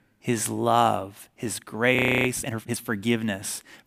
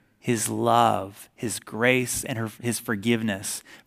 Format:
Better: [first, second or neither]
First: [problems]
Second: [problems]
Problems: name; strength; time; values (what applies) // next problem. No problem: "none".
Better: second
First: audio freezing; at 2 s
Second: none